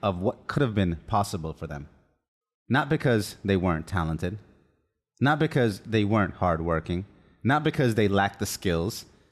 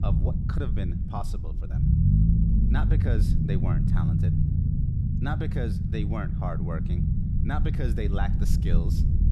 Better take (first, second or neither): first